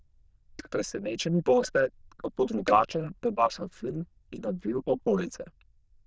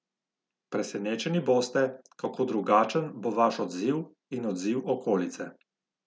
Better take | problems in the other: second | noise reduction (neural diffusion model UNIVERSE++)

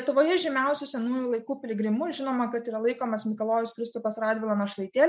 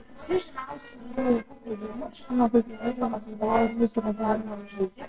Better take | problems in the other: first | noise reduction (neural separator model SepFormer WHAMR!)

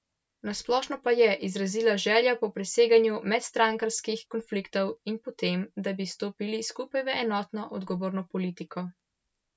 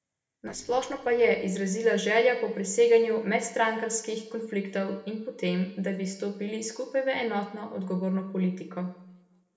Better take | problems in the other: first | noise reduction (neural separator model SepFormer DNS4)

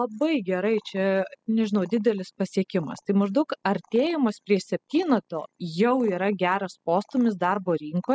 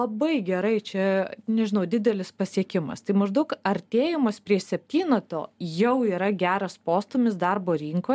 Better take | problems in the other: second | noise reduction (classical method spectral subtraction)

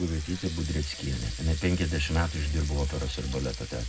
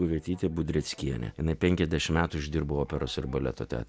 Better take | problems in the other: second | background sound (Water tap, faucet); 13 dB below the speech // room echo; dies away in 0.3 s

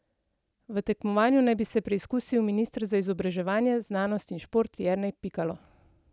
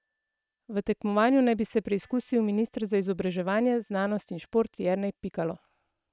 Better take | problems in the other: first | noise reduction (neural separator model SepFormer WHAM!)

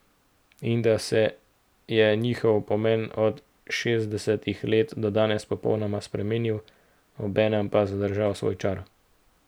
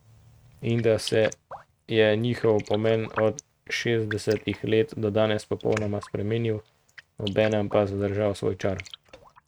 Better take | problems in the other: first | noise reduction (neural mask model RNNoise)

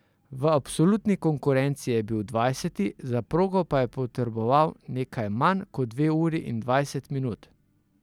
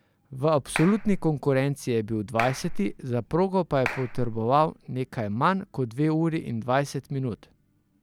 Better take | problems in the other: first | background sound (Clapping); 8 dB below the speech

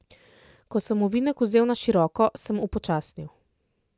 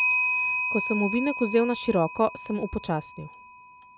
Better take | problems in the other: first | background sound (Clock); 3 dB below the speech

